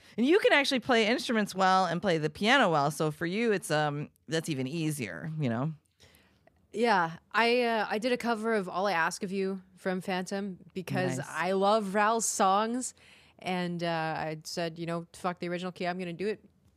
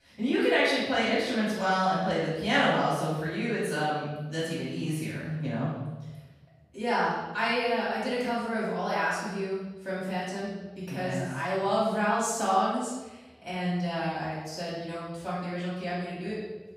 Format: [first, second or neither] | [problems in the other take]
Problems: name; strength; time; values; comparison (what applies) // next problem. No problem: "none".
first | room echo; strong; dies away in 1 s // off-mic speech; far